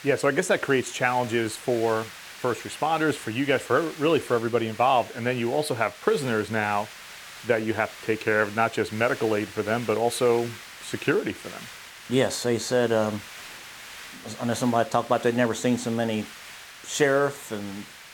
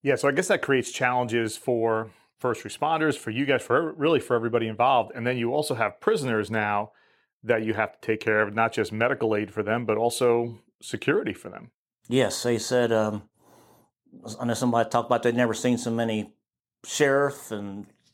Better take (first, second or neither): second